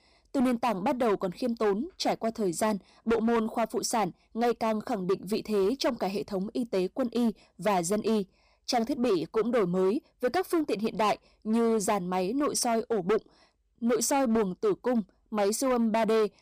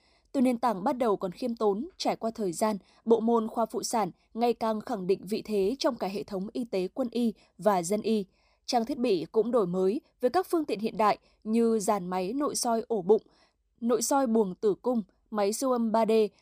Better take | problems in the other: second | distortion; slight; 11% of the sound clipped

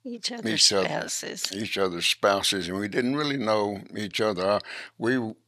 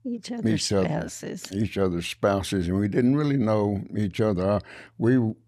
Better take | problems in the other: second | thin; somewhat; fading below 1 kHz

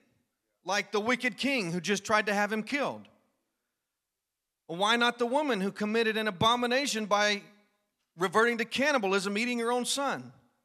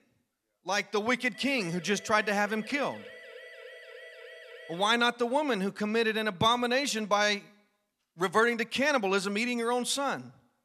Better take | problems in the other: first | siren; faint; from 1.5 to 5 s; peak 20 dB below the speech

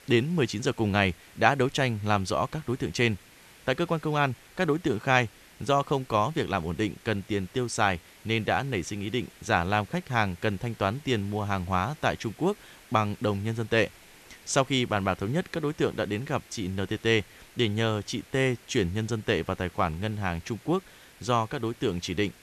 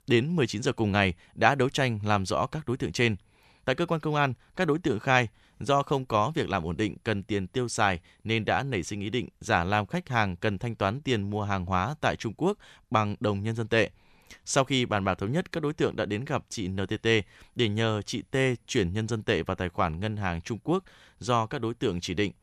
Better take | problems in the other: second | hiss; faint; throughout; 25 dB below the speech

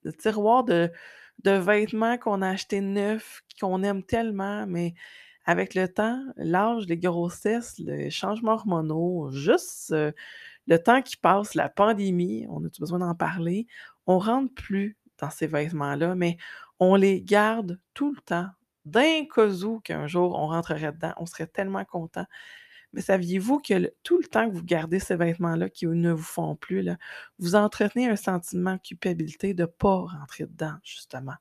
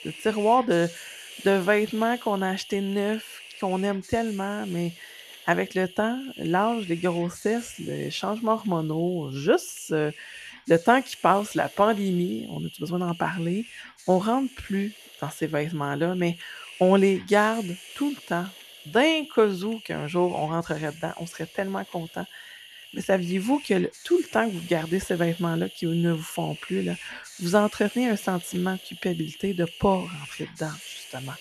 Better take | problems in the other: first | hiss; noticeable; throughout; 15 dB below the speech

